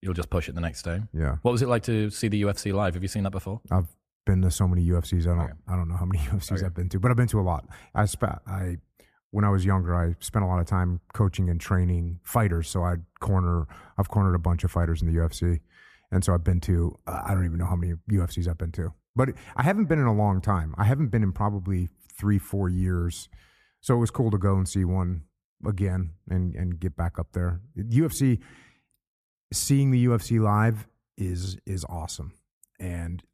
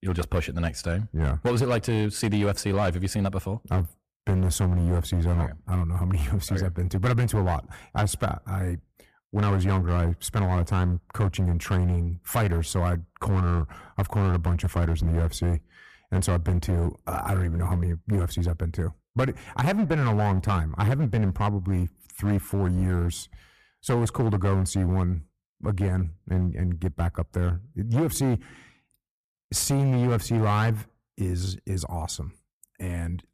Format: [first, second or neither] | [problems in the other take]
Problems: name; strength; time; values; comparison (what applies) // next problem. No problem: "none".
first | distortion; slight; 16% of the sound clipped